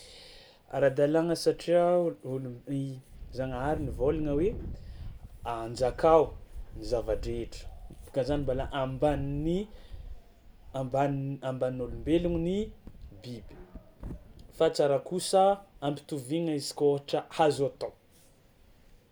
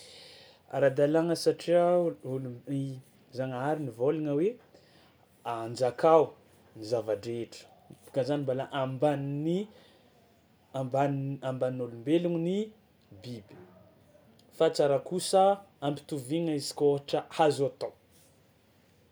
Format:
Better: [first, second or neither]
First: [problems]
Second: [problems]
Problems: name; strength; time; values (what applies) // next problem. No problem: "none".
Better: second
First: background sound (Wind); 13 dB below the speech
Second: none